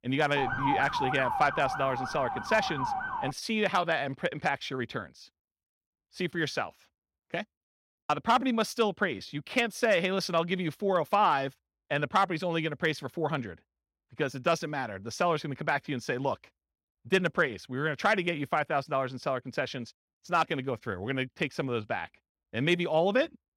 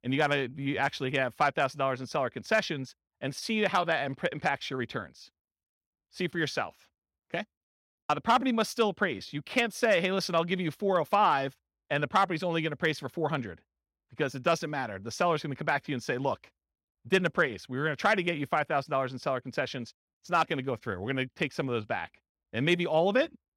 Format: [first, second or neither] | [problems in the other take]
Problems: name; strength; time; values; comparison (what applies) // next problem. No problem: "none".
second | siren; loud; until 3.5 s; peak level with the speech